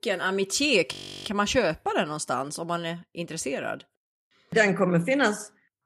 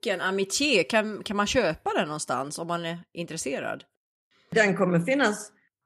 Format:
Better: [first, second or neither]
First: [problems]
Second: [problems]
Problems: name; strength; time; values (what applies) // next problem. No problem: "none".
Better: second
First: audio freezing; at 1 s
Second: none